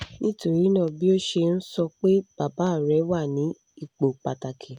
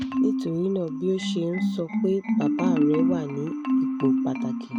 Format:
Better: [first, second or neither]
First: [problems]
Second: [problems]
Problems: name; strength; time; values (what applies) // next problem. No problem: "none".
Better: first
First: none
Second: background sound (Marimba, xylophone); 3 dB above the speech